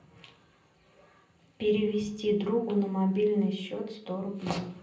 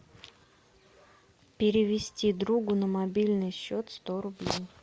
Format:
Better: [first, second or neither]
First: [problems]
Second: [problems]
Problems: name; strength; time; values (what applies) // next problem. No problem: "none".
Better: second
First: room echo; dies away in 0.6 s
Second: none